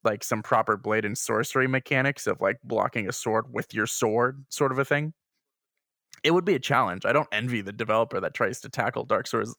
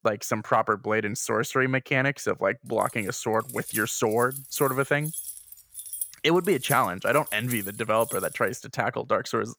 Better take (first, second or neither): first